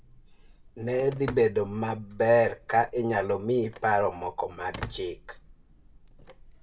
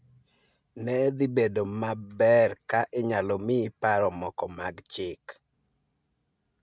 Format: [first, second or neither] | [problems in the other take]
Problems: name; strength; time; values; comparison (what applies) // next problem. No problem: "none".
second | background sound (Telephone); 17 dB below the speech // room echo; dies away in 0.2 s